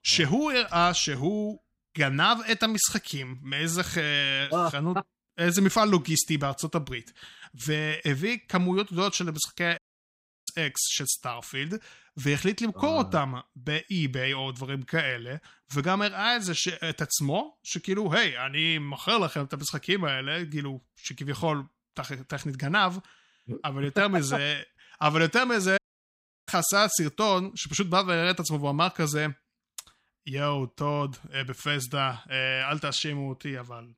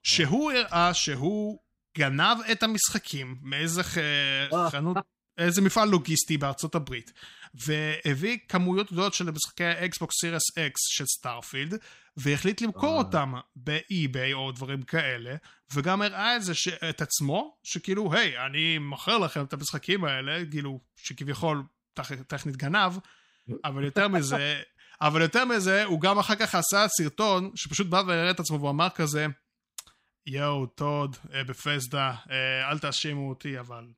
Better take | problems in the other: second | audio cutting out; at 10 s for 0.5 s and at 26 s for 0.5 s

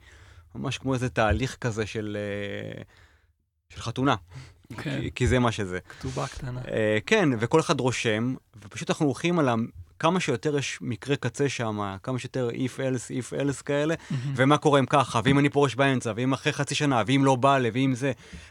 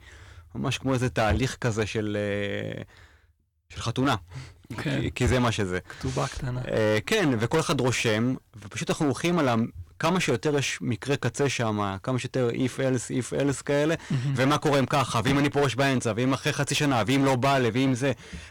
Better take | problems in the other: first | distortion; heavy; 14% of the sound clipped

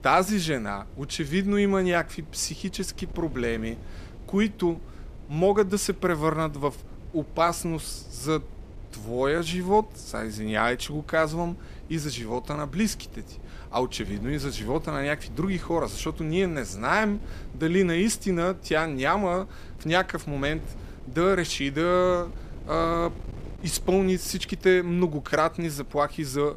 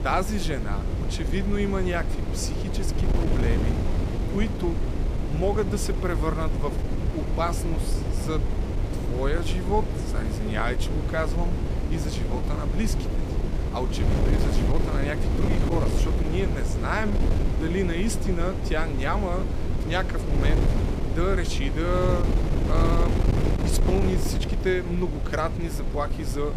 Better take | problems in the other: first | wind noise on the microphone; heavy; 4 dB below the speech; occasional gusts in the first

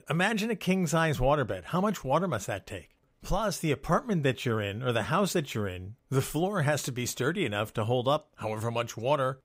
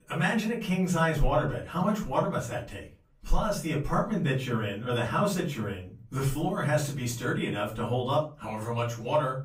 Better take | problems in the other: first | room echo; slight; dies away in 0.3 s // off-mic speech; far

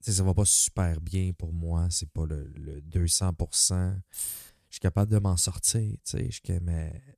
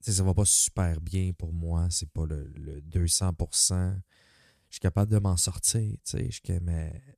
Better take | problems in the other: second | jangling keys; noticeable; at 4 s; peak 6 dB below the speech

